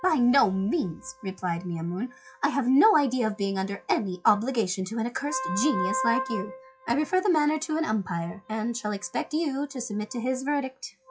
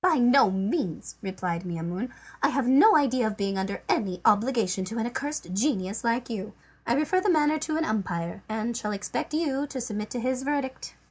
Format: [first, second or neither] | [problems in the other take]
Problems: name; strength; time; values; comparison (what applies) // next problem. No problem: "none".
second | noise reduction (classical method log-MMSE)